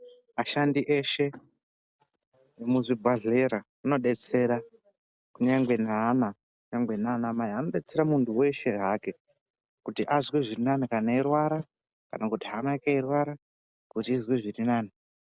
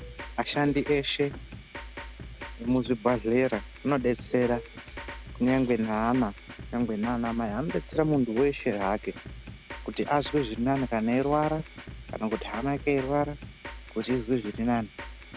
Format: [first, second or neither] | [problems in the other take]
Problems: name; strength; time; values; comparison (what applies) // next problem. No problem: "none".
first | background sound (Drum kit); 13 dB below the speech